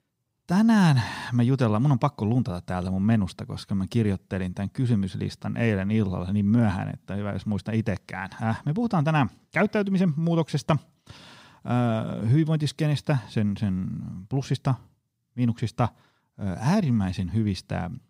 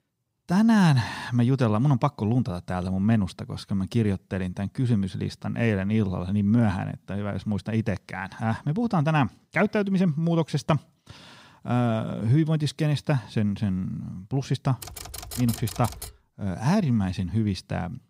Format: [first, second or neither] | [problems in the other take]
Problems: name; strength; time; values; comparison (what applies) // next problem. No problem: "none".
first | keyboard typing; noticeable; from 15 to 16 s; peak 9 dB below the speech